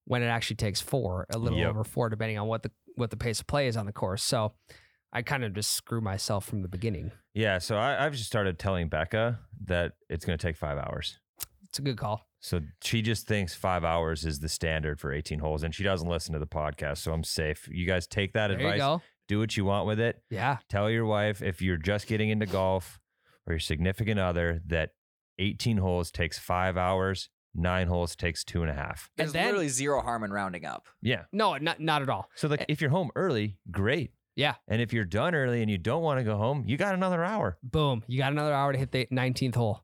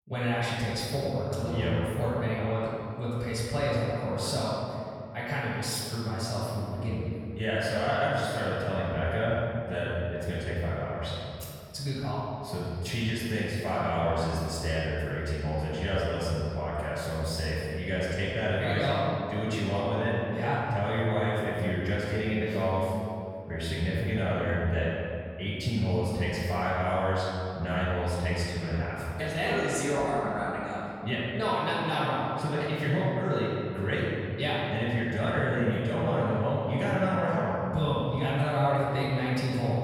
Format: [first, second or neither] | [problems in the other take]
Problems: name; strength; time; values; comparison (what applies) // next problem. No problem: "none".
first | off-mic speech; far // room echo; strong; dies away in 2.2 s